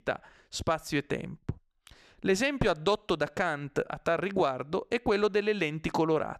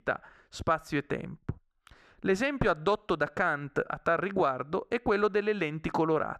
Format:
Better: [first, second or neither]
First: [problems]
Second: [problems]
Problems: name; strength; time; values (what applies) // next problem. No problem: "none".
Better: first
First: none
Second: muffled; slightly; fading above 3 kHz